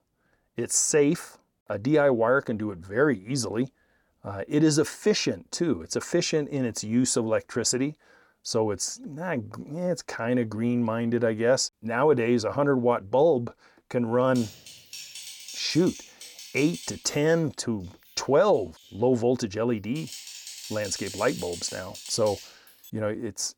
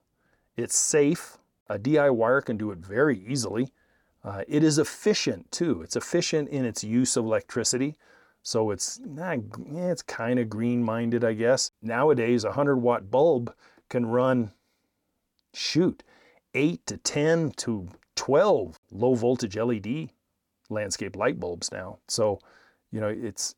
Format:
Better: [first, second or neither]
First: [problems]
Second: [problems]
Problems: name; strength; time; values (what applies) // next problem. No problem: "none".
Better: second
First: keyboard typing; faint; from 14 to 23 s; peak 10 dB below the speech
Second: none